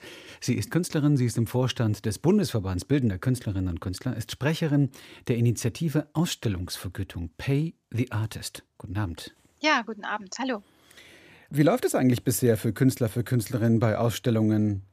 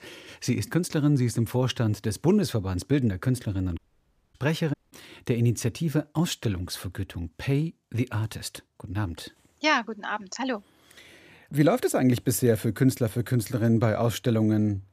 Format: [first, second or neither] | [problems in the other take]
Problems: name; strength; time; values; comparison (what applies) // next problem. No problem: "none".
first | audio cutting out; at 4 s for 0.5 s and at 4.5 s